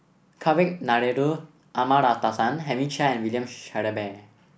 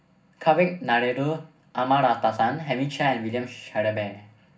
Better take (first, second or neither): first